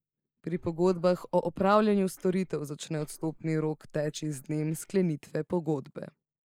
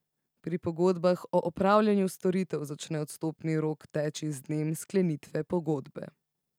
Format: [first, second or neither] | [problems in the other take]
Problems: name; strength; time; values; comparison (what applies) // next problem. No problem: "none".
second | noise reduction (neural mask model Resemble Enhance denoiser)